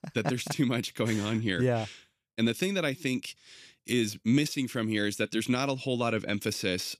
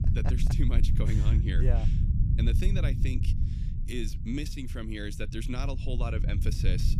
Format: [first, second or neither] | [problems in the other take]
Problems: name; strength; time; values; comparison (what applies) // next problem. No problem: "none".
first | low rumble; loud; throughout; 5 dB below the speech